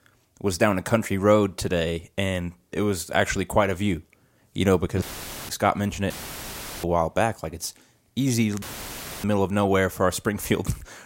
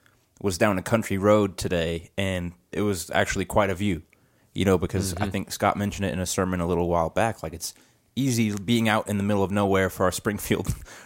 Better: second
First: audio cutting out; filled with static; at 5 s, at 6 s for 0.5 s and at 8.5 s for 0.5 s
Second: none

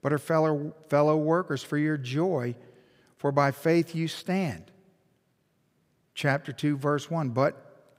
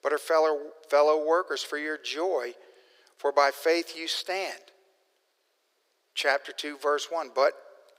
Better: first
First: none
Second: thin; very; fading below 400 Hz

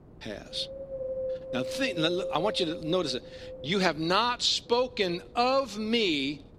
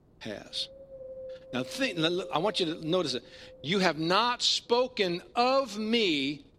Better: second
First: wind noise on the microphone; heavy; 10 dB below the speech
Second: wind noise on the microphone; occasional gusts; 20 dB below the speech

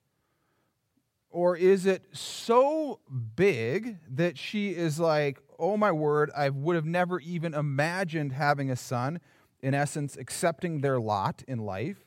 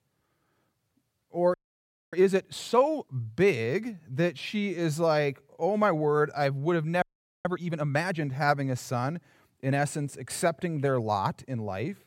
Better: first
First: none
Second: audio freezing; at 1.5 s for 0.5 s and at 7 s

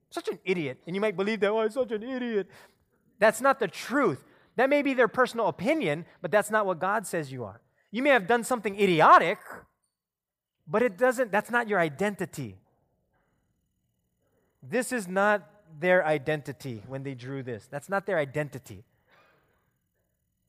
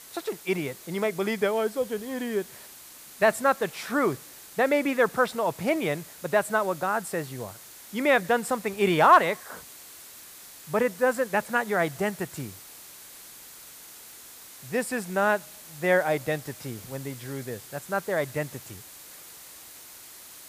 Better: first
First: none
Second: hiss; noticeable; throughout; 15 dB below the speech

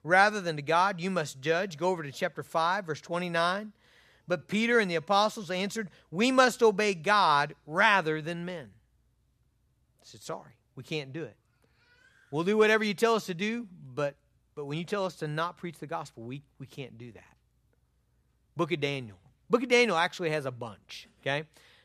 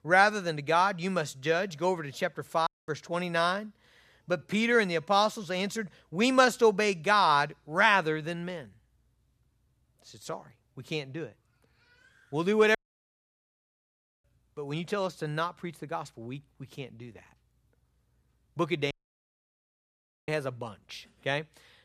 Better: first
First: none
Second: audio cutting out; at 2.5 s, at 13 s for 1.5 s and at 19 s for 1.5 s

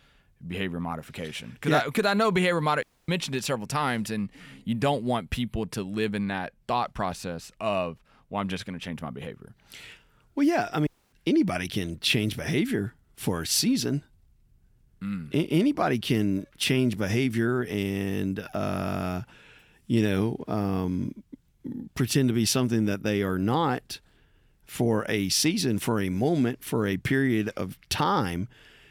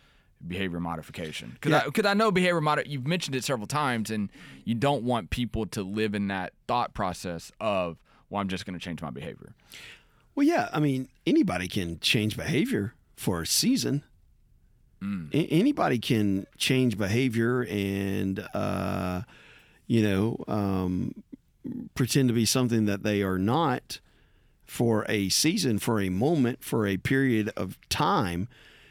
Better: second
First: audio cutting out; at 3 s and at 11 s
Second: none

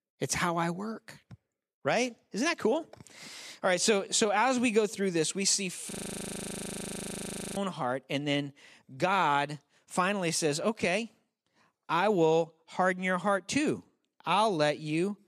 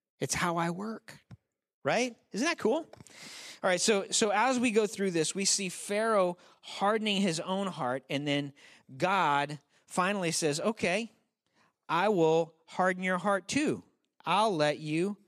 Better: second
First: audio freezing; at 6 s for 1.5 s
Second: none

